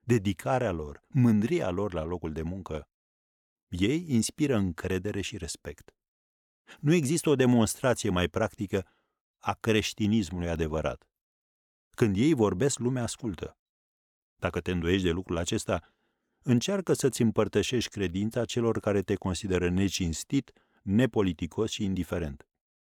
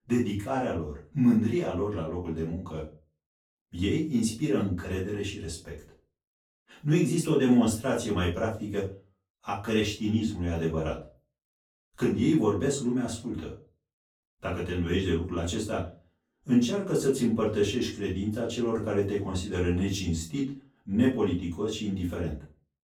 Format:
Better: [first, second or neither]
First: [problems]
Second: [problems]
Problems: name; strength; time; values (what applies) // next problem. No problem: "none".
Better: first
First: none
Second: off-mic speech; far // room echo; slight; dies away in 0.3 s